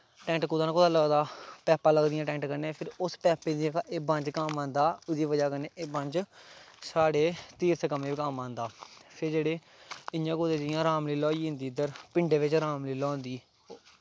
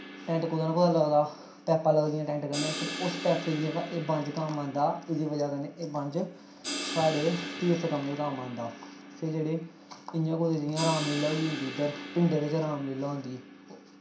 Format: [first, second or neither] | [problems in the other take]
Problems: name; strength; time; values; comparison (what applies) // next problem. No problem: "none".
first | background sound (Crash cymbal); 11 dB below the speech // room echo; dies away in 0.5 s